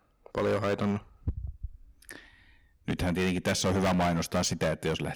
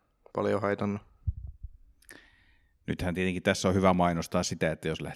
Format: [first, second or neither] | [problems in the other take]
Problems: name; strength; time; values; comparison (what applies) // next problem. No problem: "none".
second | distortion; heavy; 12% of the sound clipped